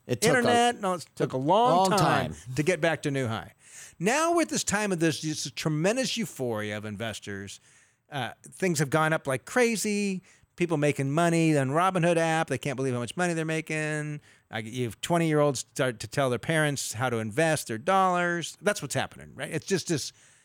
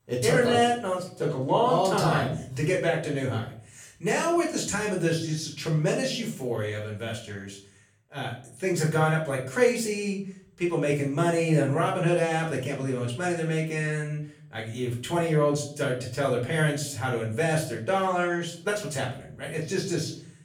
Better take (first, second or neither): first